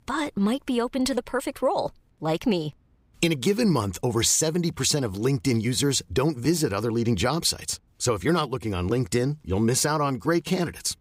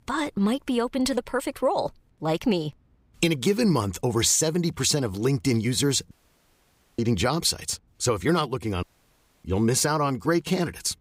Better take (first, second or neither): first